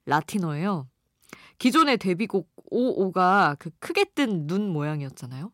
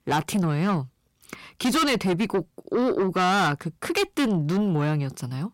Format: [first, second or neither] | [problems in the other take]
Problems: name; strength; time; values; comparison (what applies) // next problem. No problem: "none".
first | distortion; heavy; 6 dB below the speech